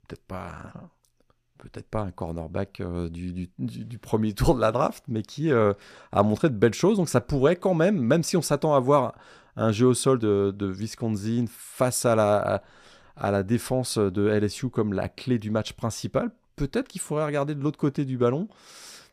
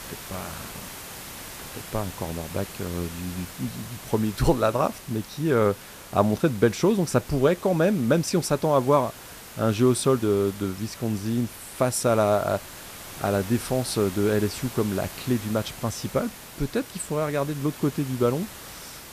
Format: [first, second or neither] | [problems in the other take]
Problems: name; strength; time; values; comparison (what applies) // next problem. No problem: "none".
first | hiss; noticeable; throughout; 15 dB below the speech